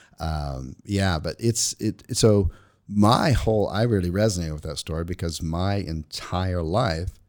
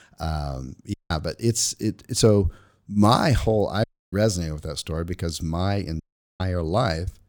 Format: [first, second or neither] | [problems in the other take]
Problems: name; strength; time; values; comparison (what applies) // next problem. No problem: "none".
first | audio cutting out; at 1 s, at 4 s and at 6 s